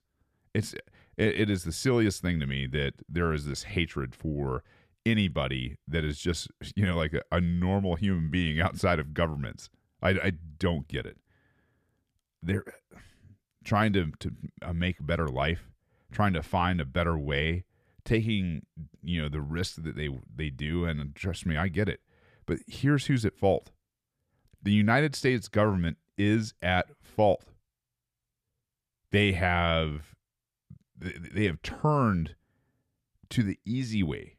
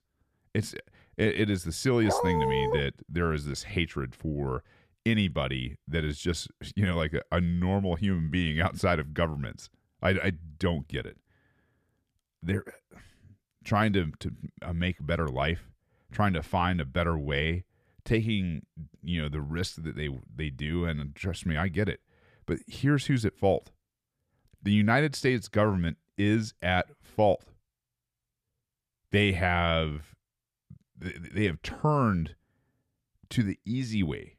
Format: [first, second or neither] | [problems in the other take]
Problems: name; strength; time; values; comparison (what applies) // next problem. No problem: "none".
first | dog barking; loud; at 2 s; peak 1 dB above the speech